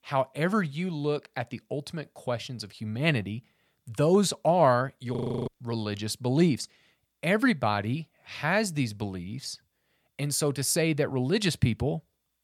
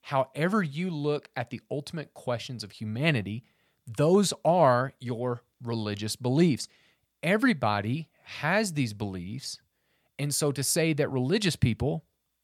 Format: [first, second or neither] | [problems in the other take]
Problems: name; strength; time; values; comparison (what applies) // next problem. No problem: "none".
second | audio freezing; at 5 s